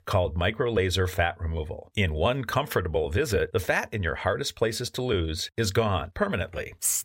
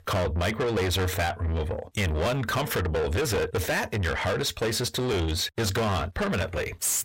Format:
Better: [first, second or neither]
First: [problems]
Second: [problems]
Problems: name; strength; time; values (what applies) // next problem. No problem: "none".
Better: first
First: none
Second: distortion; heavy; 6 dB below the speech